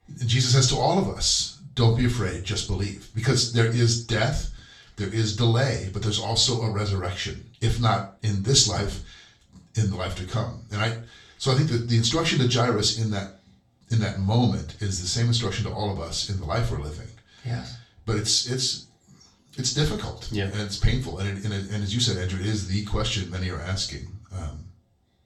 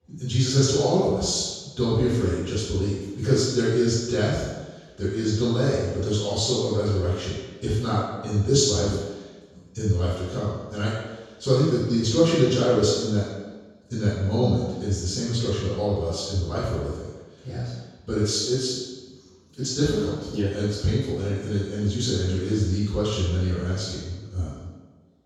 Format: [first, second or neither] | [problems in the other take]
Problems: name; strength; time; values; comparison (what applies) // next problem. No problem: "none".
first | room echo; strong; dies away in 1.2 s; slight in the first // off-mic speech; far; far in the first